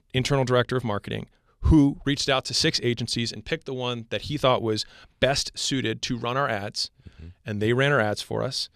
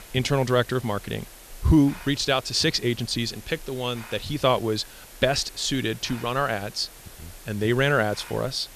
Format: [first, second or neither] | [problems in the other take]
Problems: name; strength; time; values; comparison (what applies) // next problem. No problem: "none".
first | hiss; noticeable; throughout; 20 dB below the speech